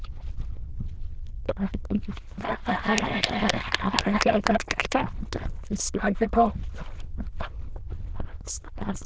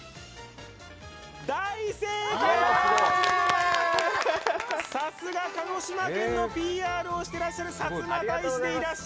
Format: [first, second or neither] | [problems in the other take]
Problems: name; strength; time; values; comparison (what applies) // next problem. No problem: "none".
second | noise reduction (neural diffusion model UNIVERSE++)